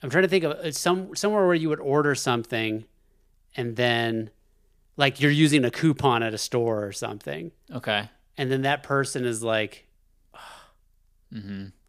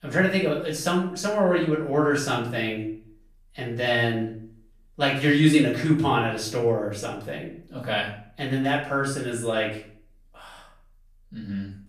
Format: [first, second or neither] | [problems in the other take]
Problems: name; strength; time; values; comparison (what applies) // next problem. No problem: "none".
first | off-mic speech; far // room echo; slight; dies away in 0.5 s